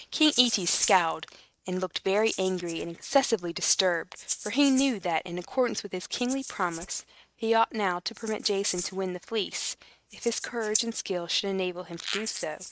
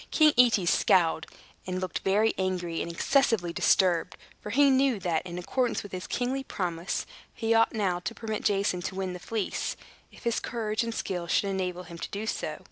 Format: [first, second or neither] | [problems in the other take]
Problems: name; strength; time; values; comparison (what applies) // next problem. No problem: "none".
second | noise reduction (neural mask model RNNoise)